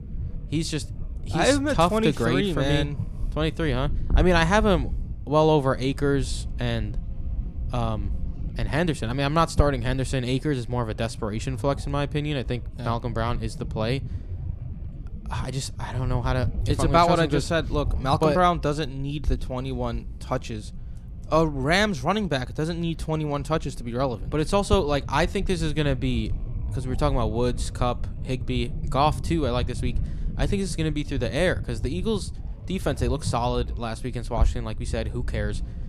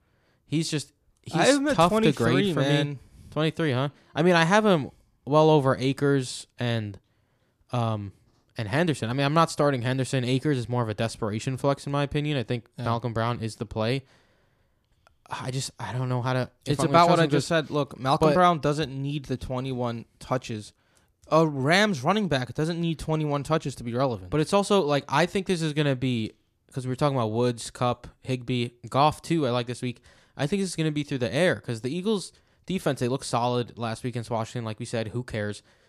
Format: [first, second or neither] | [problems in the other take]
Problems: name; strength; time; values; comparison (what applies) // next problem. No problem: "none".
second | low rumble; faint; throughout; 20 dB below the speech